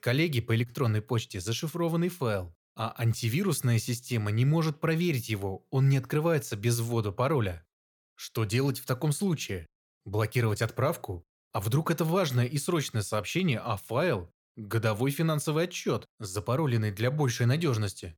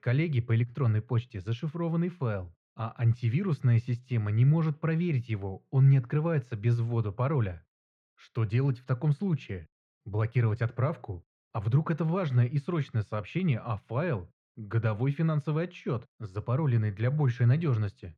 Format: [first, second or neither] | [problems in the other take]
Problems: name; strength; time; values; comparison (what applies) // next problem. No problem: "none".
first | muffled; very; fading above 2 kHz